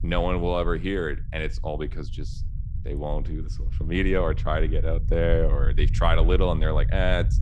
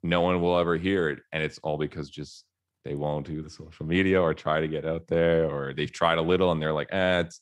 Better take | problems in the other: second | low rumble; noticeable; throughout; 20 dB below the speech

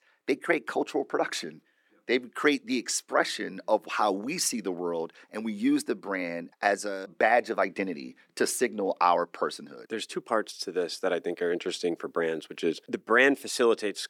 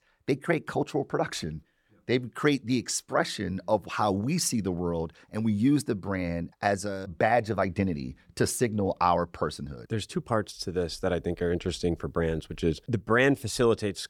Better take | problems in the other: second | thin; very slightly; fading below 250 Hz

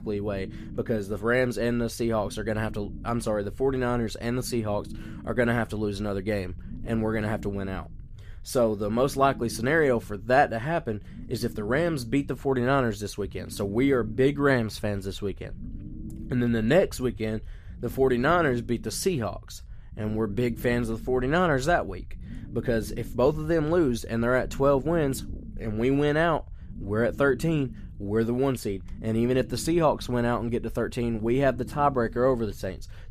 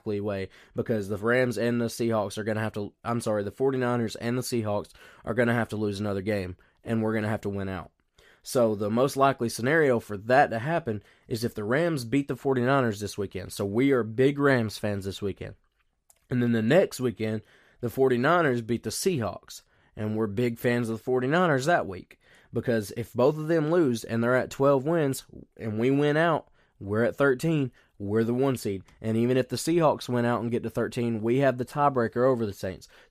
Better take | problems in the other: second | low rumble; faint; throughout; 25 dB below the speech

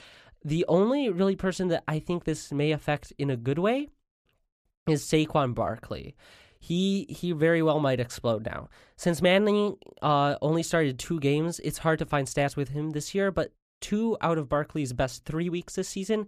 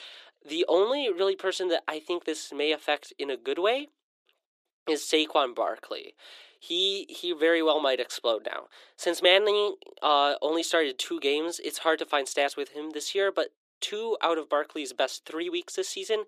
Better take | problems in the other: first | thin; very; fading below 350 Hz

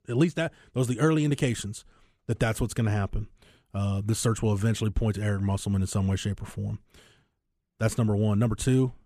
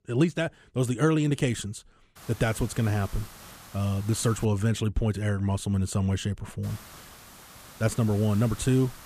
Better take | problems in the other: first | hiss; noticeable; from 2 to 4.5 s and from 6.5 s on; 20 dB below the speech

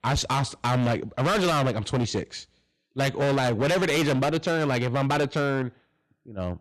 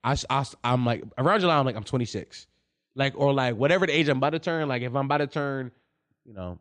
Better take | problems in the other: second | distortion; heavy; 23% of the sound clipped

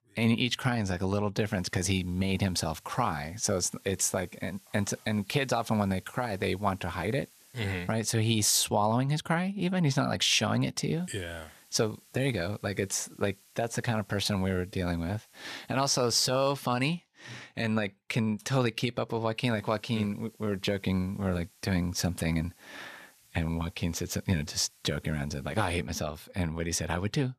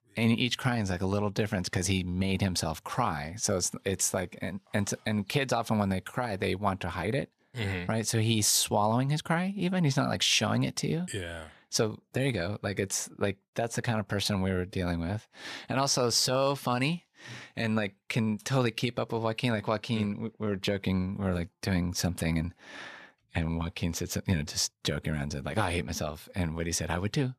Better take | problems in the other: second | hiss; faint; from 1.5 to 8 s, from 11 to 17 s and from 19 to 26 s; 30 dB below the speech

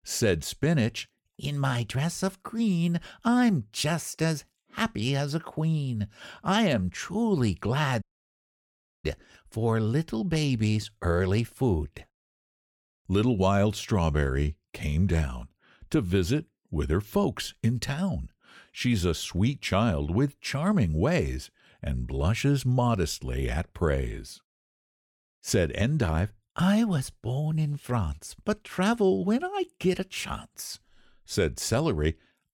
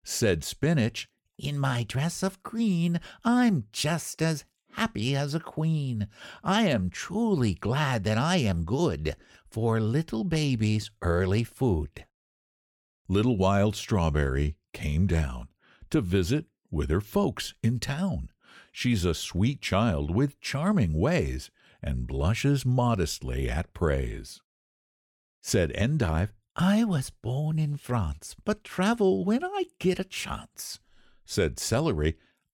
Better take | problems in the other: second | audio cutting out; at 8 s for 1 s

